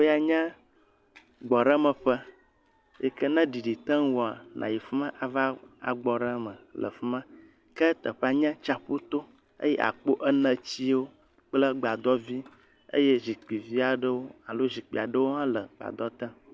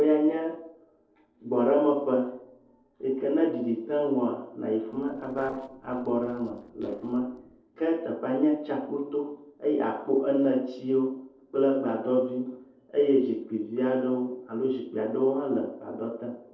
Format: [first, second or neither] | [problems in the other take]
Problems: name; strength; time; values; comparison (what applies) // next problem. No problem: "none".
first | noise reduction (neural separator model SepFormer DNS4)